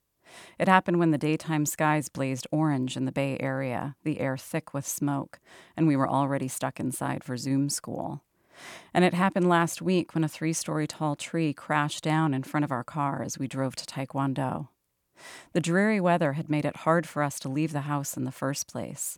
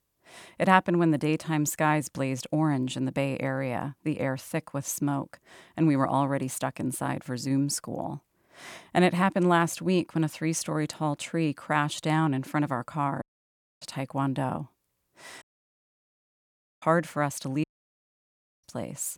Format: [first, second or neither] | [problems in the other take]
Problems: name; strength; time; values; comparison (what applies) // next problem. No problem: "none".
first | audio cutting out; at 13 s for 0.5 s, at 15 s for 1.5 s and at 18 s for 1 s